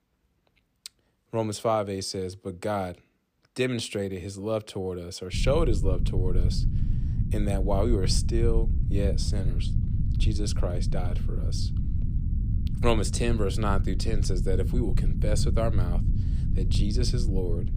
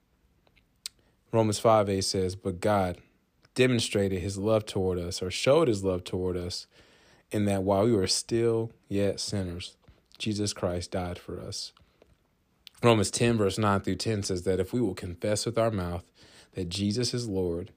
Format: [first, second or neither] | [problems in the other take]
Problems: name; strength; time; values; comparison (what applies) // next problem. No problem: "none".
second | low rumble; noticeable; from 5.5 s on; 10 dB below the speech